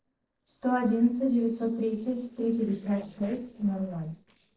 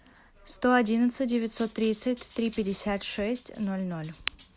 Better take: second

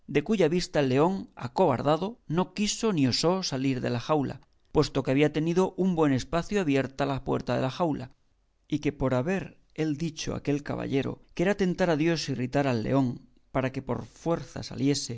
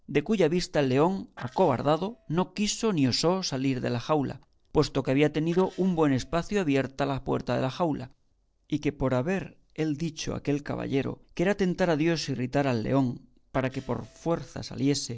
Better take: first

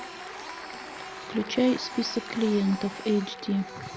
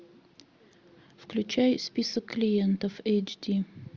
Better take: second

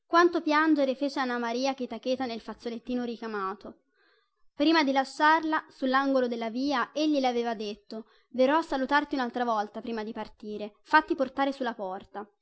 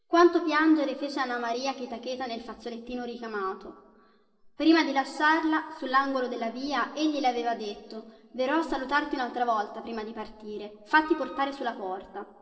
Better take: first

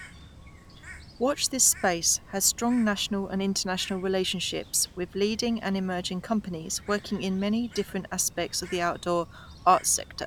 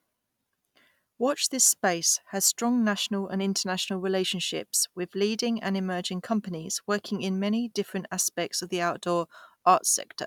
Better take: second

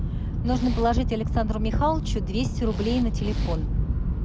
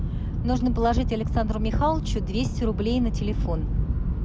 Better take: second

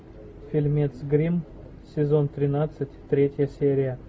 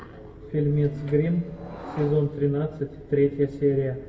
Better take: first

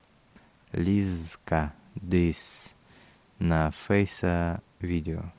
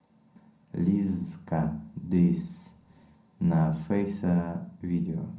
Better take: first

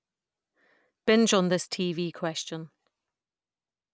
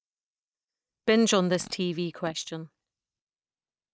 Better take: first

